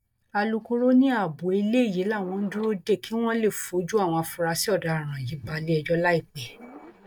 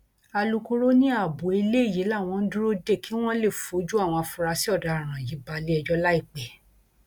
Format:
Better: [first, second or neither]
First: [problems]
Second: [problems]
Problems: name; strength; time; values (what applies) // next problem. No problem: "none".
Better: second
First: noise reduction (neural mask model DeepFilterNet 3)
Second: none